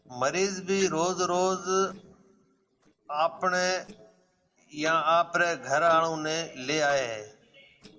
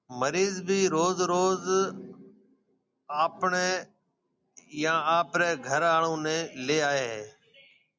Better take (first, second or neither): second